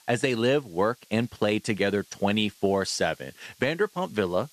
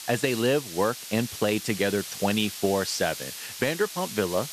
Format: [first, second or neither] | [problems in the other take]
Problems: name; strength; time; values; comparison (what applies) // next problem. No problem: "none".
first | hiss; loud; throughout; 9 dB below the speech; faint in the first